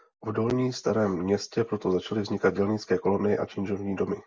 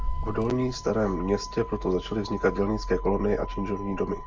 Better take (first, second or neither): first